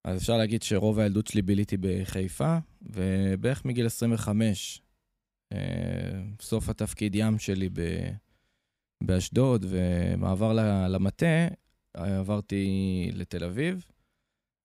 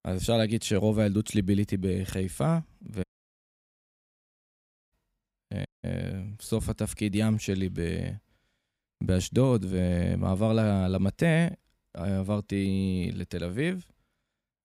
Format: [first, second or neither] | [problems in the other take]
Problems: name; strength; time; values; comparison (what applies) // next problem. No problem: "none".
first | audio cutting out; at 3 s for 2 s and at 5.5 s